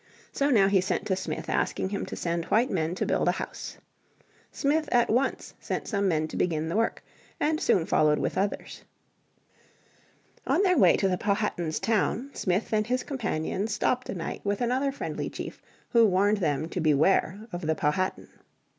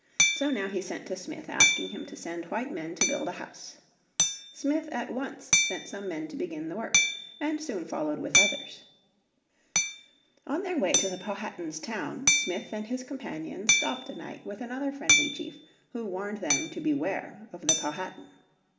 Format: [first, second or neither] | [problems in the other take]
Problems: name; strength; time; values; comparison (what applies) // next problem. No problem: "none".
first | background sound (Hammer); 3 dB above the speech // room echo; dies away in 1.1 s